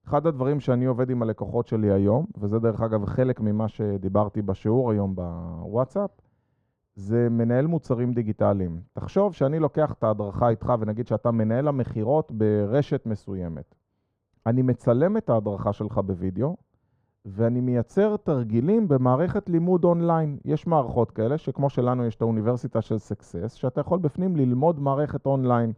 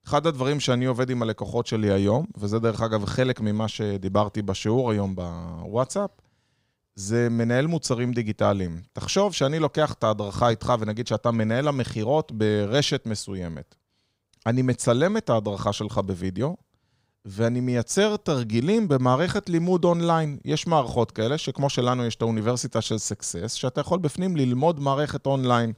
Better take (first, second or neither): second